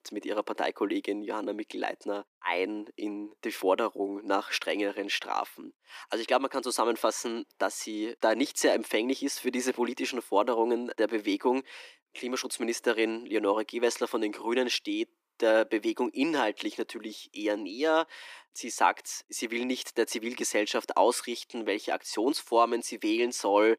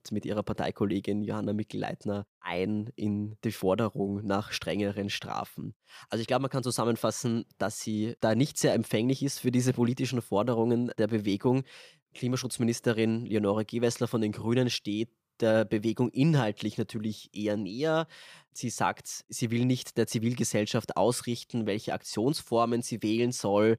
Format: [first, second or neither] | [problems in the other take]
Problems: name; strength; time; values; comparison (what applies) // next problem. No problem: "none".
second | thin; somewhat; fading below 300 Hz